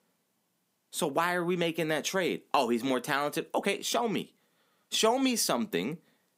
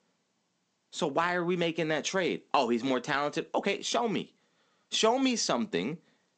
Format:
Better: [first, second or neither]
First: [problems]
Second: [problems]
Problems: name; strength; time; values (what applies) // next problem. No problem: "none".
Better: first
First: none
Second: garbled, watery; slightly; nothing above 7.5 kHz